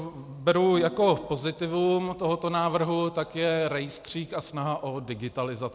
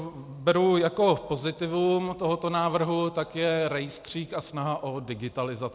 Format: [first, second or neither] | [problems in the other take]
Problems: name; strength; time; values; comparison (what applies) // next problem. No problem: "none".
second | background sound (Piano); 12 dB below the speech